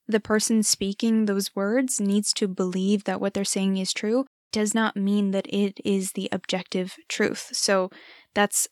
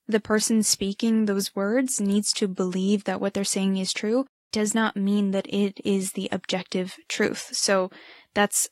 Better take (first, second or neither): first